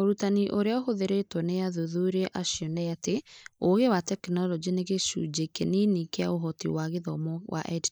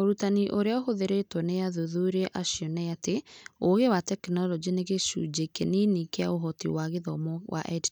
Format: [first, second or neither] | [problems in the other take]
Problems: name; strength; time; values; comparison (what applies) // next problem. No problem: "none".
second | noise reduction (neural mask model Resemble Enhance denoiser)